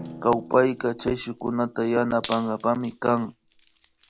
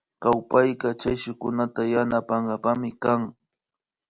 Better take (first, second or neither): second